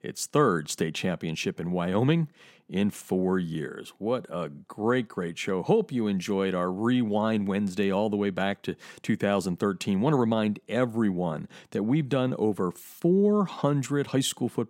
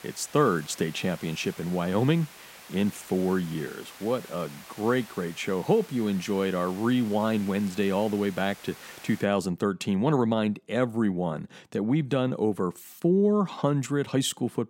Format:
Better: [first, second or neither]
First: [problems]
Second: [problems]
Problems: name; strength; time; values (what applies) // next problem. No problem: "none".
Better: first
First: none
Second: hiss; noticeable; until 9 s; 20 dB below the speech